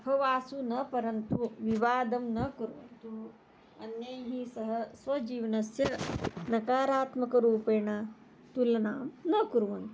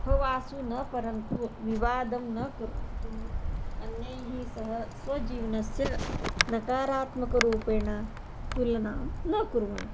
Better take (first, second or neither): first